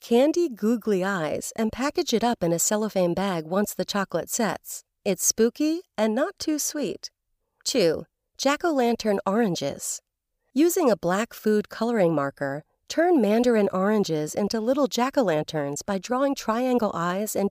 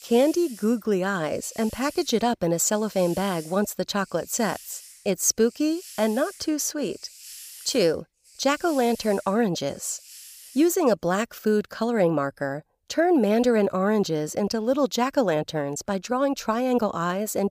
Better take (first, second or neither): first